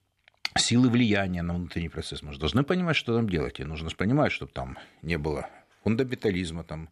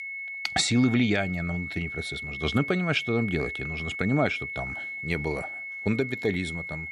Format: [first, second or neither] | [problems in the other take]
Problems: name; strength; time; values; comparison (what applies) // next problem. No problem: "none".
first | high-pitched whine; loud; throughout; 2 kHz, 6 dB below the speech